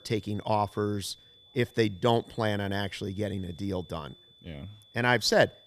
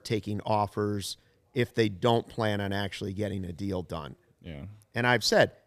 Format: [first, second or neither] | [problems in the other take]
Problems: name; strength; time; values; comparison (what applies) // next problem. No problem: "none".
second | high-pitched whine; faint; throughout; 3.5 kHz, 25 dB below the speech